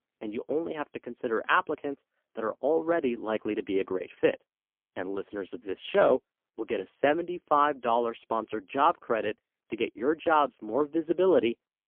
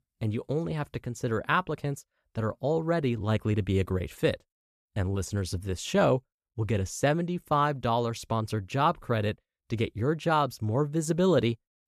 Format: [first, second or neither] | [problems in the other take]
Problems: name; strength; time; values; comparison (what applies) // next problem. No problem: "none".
second | phone-call audio; poor line; nothing above 3.5 kHz